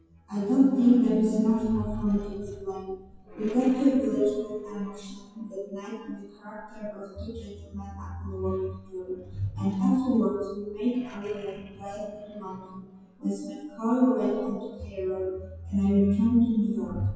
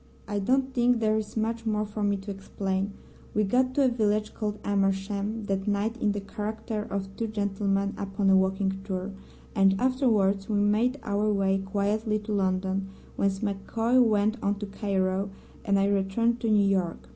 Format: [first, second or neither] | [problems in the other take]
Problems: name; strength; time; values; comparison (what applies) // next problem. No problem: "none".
second | noise reduction (classical method WPE with log-MMSE)